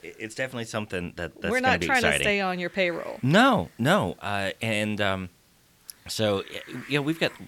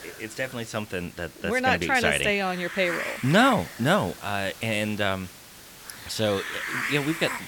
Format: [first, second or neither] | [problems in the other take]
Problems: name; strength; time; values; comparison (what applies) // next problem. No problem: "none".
first | hiss; loud; throughout; 10 dB below the speech; faint in the first